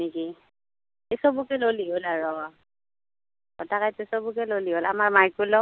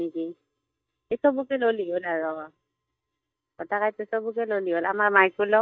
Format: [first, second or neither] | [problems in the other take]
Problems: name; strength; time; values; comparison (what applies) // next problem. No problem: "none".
first | noise reduction (neural mask model DeepFilterNet 3)